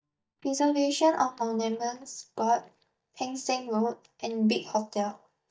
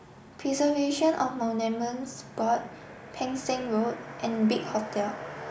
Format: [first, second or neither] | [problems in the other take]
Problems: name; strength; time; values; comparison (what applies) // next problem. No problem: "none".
second | noise reduction (neural mask model DeepFilterNet 3)